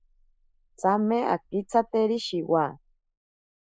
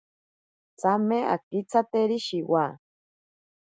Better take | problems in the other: second | noise reduction (neural mask model Resemble Enhance denoiser)

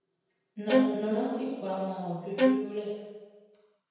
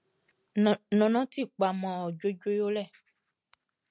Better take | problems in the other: second | background sound (Bowed string instrument); 5 dB above the speech // room echo; dies away in 1.2 s

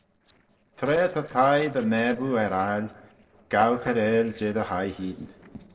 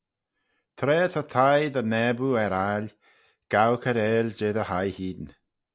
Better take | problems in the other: second | noise reduction (neural separator model SepFormer DNS4)

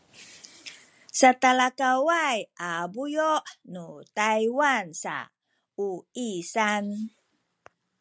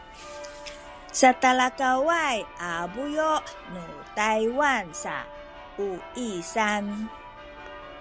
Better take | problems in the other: first | background sound (Church bell); 16 dB below the speech

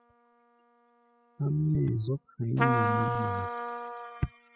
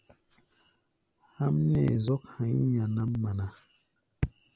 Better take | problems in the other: second | noise reduction (classical method spectral subtraction)

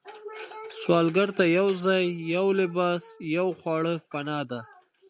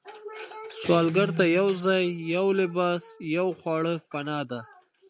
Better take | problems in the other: first | background sound (Guitar); 12 dB below the speech

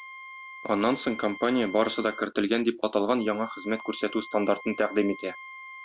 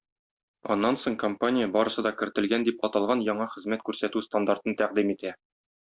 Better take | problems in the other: second | background sound (Wind instrument, woodwind instrument); 16 dB below the speech

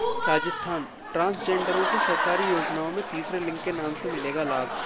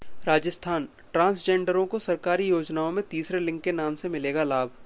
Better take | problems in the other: second | background sound (Applause / Crowd); 1 dB below the speech

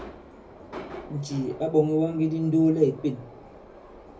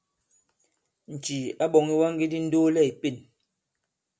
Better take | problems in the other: second | background sound (Subway, metro, underground); 17 dB below the speech // room echo; dies away in 0.4 s

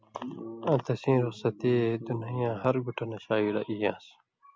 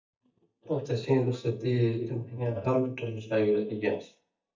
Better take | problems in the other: first | noise reduction (neural mask model DeepFilterNet 3)

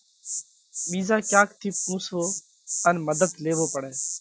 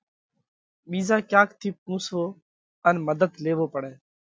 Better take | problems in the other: second | background sound (Insect); 6 dB below the speech

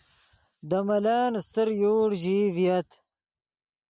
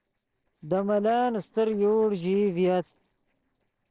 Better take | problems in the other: first | noise reduction (neural separator model SepFormer DNS4)

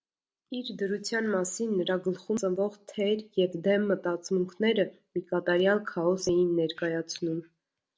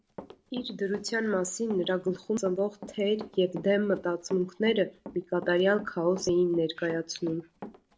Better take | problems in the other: first | background sound (Run); 18 dB below the speech

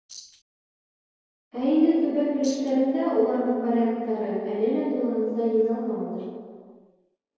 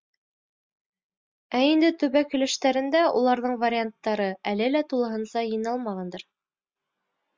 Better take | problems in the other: second | noise reduction (neural separator model SepFormer DNS4)

